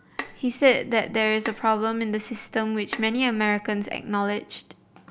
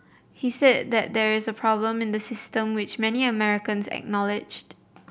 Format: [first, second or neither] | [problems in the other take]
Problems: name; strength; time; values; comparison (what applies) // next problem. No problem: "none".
second | background sound (Bowed string instrument); 16 dB below the speech